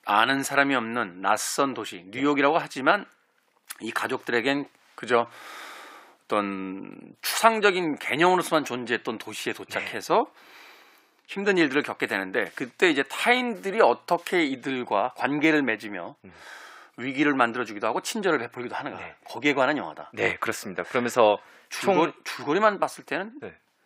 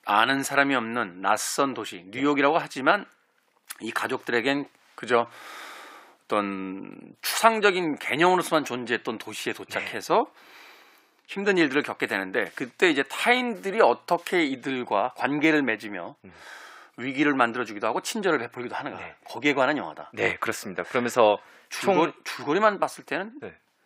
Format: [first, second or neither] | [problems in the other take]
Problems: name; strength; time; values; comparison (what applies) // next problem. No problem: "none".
neither | thin; somewhat; fading below 450 Hz; the same in both